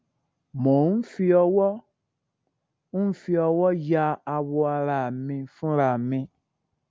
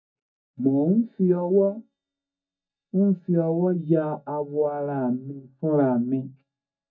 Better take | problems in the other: first | noise reduction (neural mask model DeepFilterNet 3)

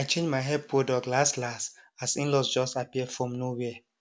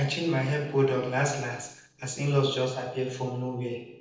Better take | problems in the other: first | noise reduction (neural separator model SepFormer DNS4)

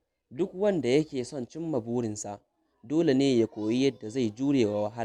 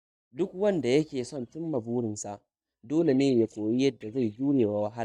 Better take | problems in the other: first | noise reduction (neural mask model DeepFilterNet 3)

